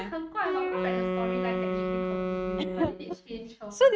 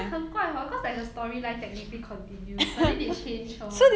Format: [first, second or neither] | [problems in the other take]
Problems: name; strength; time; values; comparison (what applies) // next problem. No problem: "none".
second | noise reduction (neural mask model RNNoise)